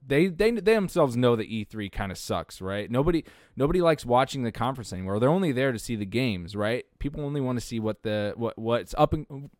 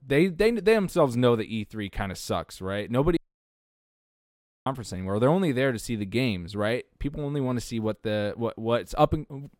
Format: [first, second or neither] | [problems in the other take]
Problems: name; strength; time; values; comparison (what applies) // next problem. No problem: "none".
first | audio cutting out; at 3 s for 1.5 s